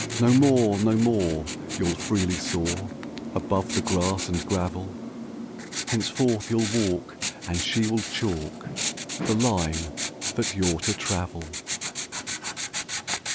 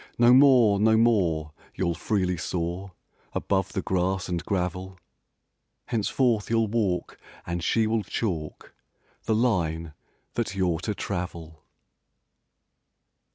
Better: second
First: background sound (Writing); 6 dB below the speech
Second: none

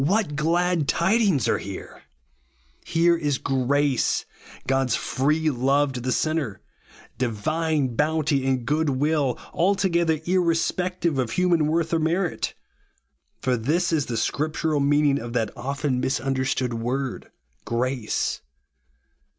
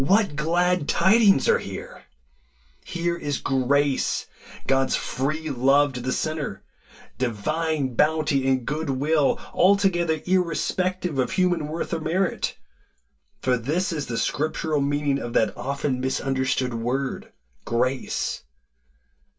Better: first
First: none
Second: room echo; dies away in 0.1 s

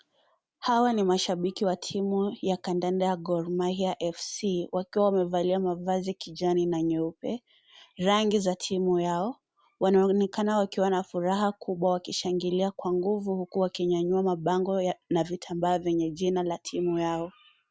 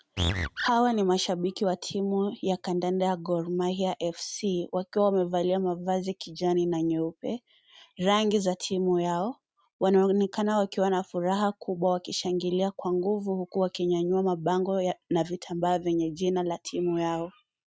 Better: first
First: none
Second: noise reduction (neural mask model RNNoise)

